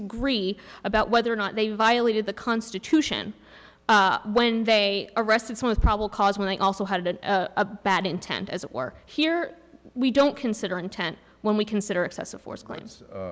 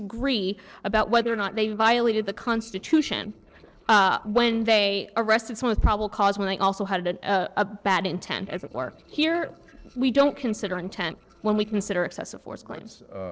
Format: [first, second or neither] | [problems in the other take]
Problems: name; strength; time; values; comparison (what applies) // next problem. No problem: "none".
first | noise reduction (neural separator model SepFormer DNS4)